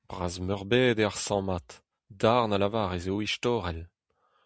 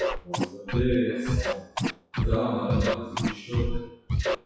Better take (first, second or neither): first